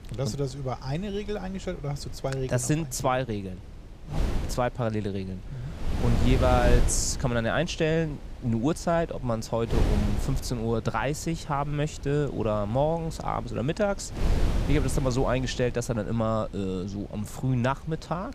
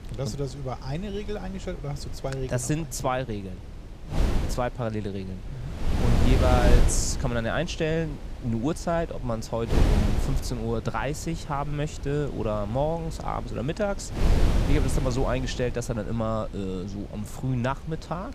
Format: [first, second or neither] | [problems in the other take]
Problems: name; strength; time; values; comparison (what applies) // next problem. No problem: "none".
first | wind noise on the microphone; heavy; 7 dB below the speech; occasional gusts in the first